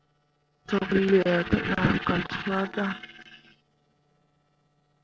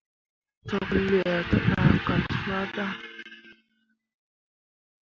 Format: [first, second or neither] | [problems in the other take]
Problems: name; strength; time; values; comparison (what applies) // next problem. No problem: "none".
second | noise reduction (neural separator model SepFormer DNS4)